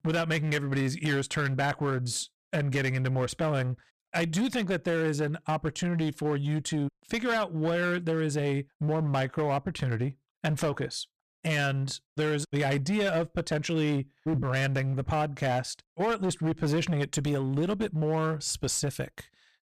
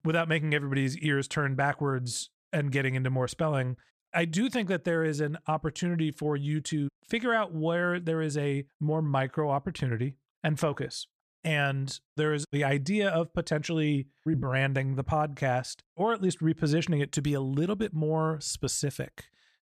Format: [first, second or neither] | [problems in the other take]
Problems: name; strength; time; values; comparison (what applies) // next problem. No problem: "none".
second | distortion; slight; 14% of the sound clipped